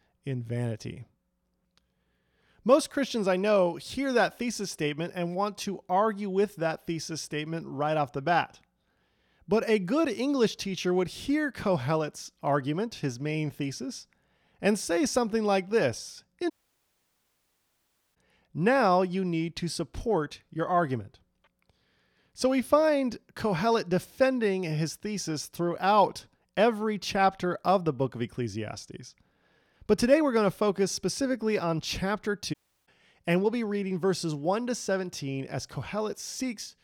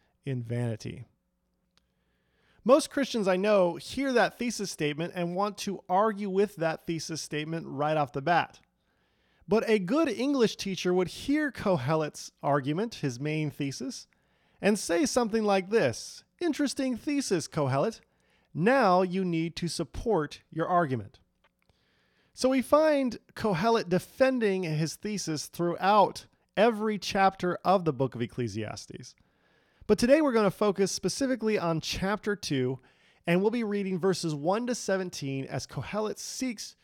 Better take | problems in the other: second | audio cutting out; at 17 s for 1.5 s and at 33 s

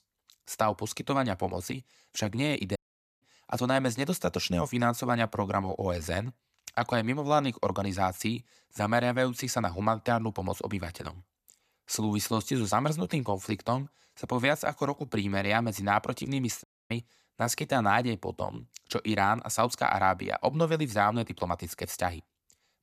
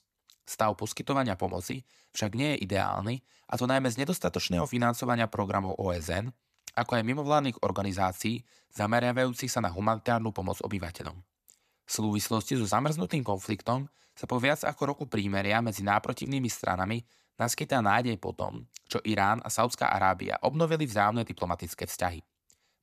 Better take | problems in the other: second | audio cutting out; at 3 s and at 17 s

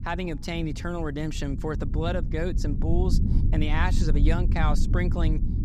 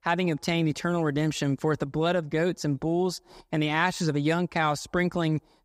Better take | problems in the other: second | low rumble; loud; throughout; 9 dB below the speech

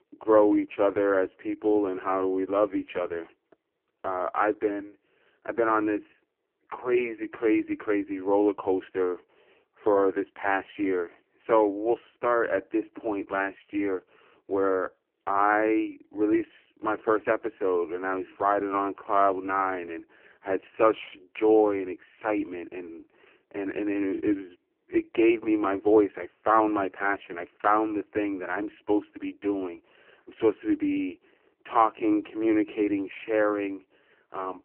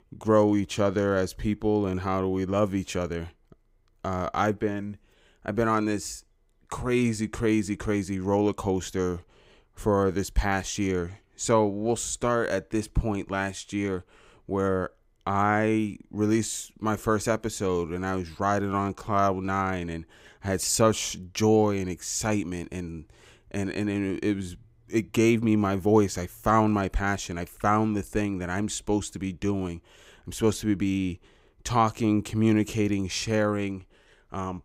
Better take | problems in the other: second | phone-call audio; poor line

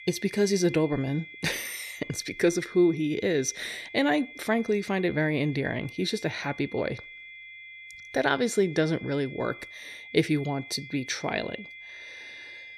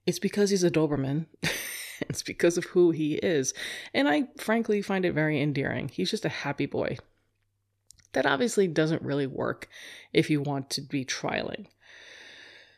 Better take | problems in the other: second | high-pitched whine; noticeable; throughout; 2 kHz, 15 dB below the speech

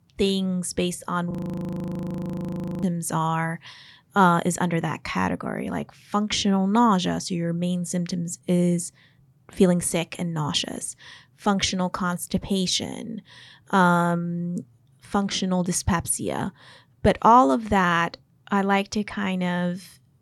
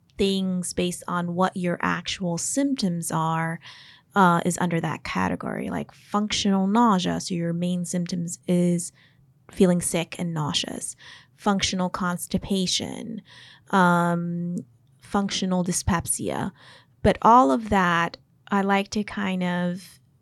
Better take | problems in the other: second | audio freezing; at 1.5 s for 1.5 s

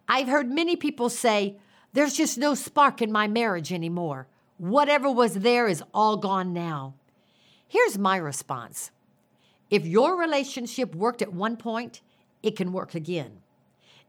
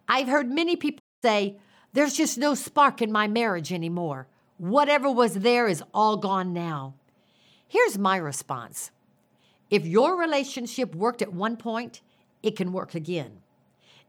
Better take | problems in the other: first | audio cutting out; at 1 s

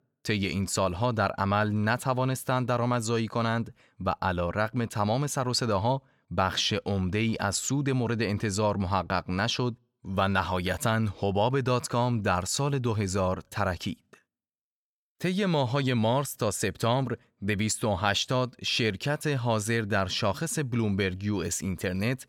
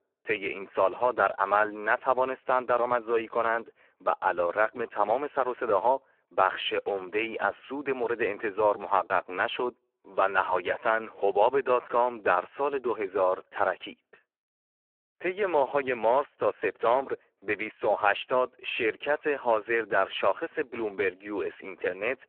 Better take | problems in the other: first | phone-call audio; poor line

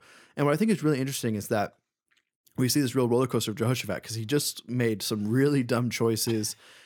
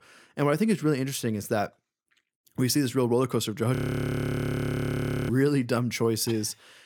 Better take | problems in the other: first | audio freezing; at 4 s for 1.5 s

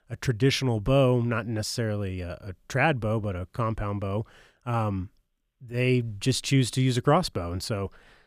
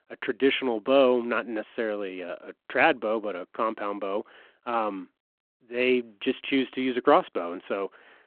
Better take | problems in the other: first | phone-call audio

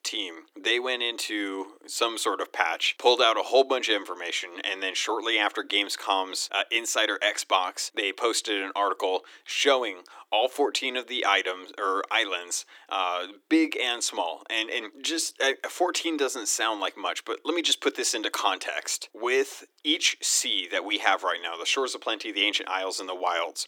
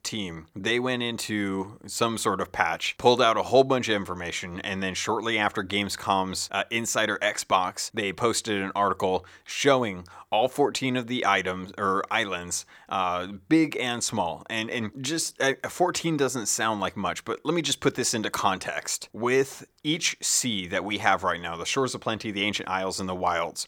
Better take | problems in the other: second | thin; somewhat; fading below 300 Hz

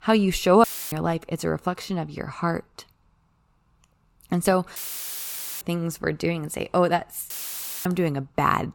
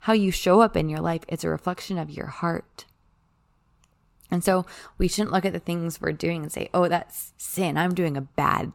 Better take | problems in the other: second | audio cutting out; filled with static; at 0.5 s, at 5 s for 1 s and at 7.5 s for 0.5 s

